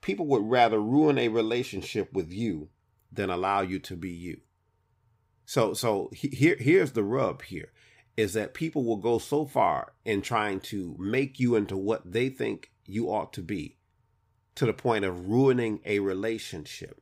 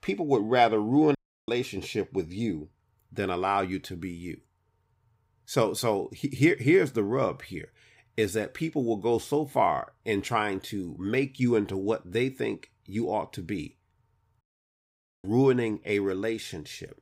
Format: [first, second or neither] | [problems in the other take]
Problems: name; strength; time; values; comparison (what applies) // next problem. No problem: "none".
first | audio cutting out; at 1 s and at 14 s for 1 s